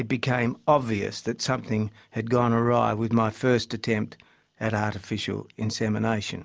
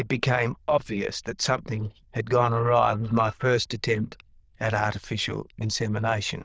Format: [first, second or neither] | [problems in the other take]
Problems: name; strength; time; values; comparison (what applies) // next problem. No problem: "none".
first | noise reduction (neural diffusion model UNIVERSE++)